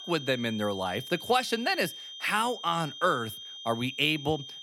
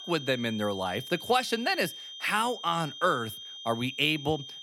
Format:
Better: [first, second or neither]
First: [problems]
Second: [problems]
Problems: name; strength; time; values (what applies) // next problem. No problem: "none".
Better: neither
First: high-pitched whine; noticeable; throughout; 3 kHz, 10 dB below the speech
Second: high-pitched whine; noticeable; throughout; 3 kHz, 10 dB below the speech